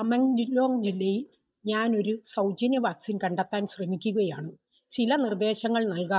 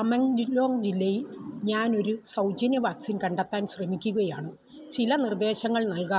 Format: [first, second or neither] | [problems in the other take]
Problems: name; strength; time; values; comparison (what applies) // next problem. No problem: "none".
second | noise reduction (neural mask model DeepFilterNet 3)